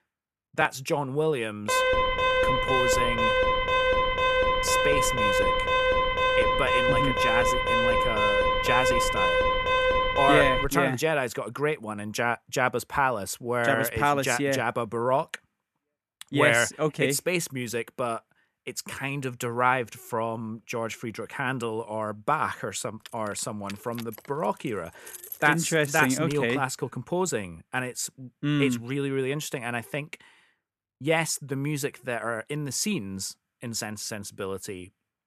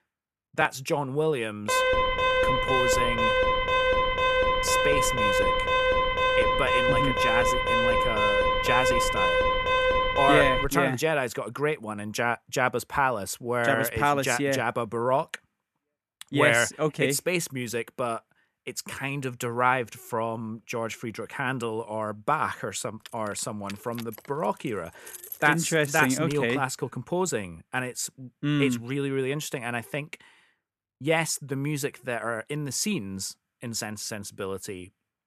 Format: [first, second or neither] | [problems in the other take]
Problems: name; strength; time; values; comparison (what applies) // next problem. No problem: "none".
neither | alarm; loud; from 1.5 to 11 s; peak 5 dB above the speech; the same in both // jangling keys; faint; from 23 to 26 s; peak 10 dB below the speech; the same in both